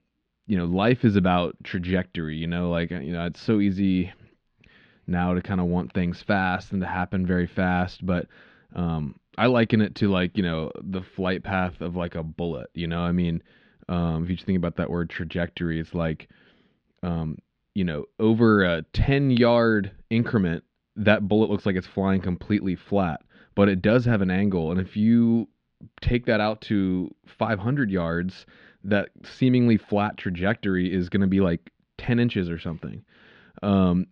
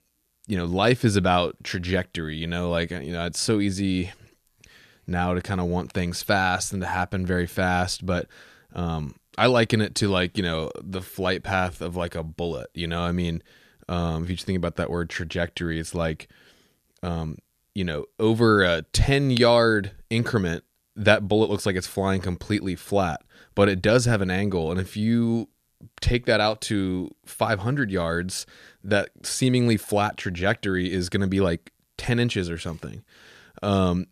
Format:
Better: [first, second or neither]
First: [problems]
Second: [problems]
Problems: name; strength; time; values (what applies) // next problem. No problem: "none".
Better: second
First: muffled; slightly; fading above 3.5 kHz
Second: none